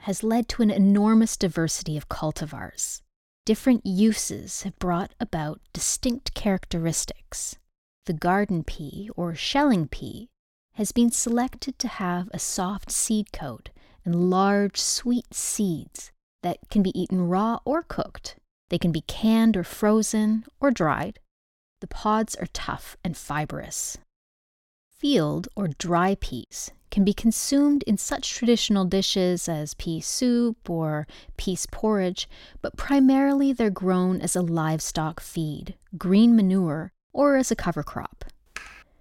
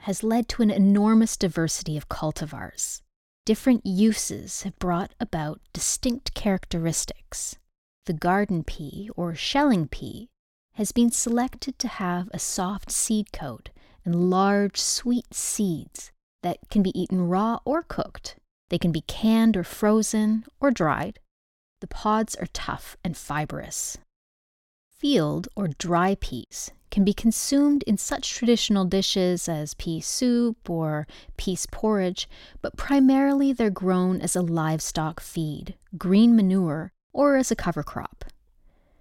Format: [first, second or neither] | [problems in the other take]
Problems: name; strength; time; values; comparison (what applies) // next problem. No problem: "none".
second | keyboard typing; faint; at 38 s; peak 15 dB below the speech